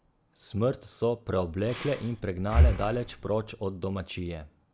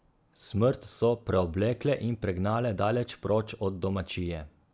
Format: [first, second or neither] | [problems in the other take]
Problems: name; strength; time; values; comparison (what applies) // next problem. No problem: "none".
second | background sound (Breathing); 2 dB above the speech